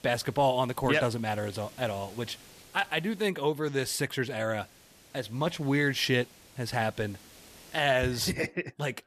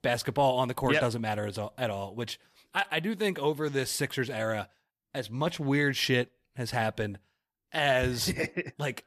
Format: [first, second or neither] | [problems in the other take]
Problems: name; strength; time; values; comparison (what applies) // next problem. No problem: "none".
second | hiss; faint; until 3.5 s and from 4.5 to 8 s; 25 dB below the speech